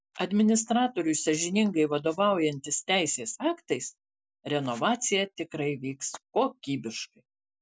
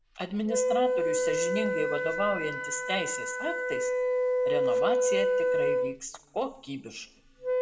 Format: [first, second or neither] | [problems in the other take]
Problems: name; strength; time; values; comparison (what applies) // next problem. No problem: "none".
first | background sound (Wind instrument, woodwind instrument); 5 dB above the speech // room echo; dies away in 0.7 s